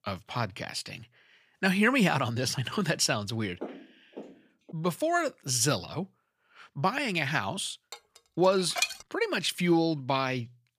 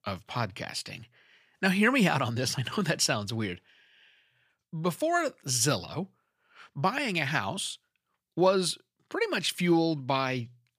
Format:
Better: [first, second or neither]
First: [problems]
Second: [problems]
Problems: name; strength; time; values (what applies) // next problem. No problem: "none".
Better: second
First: footsteps; faint; from 3.5 to 4.5 s; peak 15 dB below the speech // clattering dishes; noticeable; from 8 to 9 s; peak 1 dB below the speech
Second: none